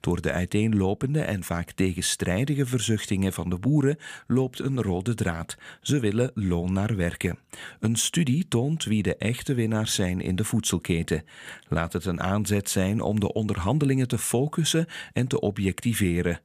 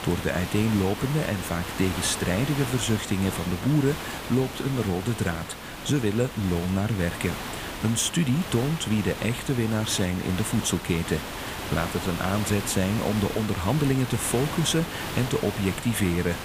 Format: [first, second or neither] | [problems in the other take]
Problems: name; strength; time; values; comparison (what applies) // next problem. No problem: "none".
first | hiss; loud; throughout; 8 dB below the speech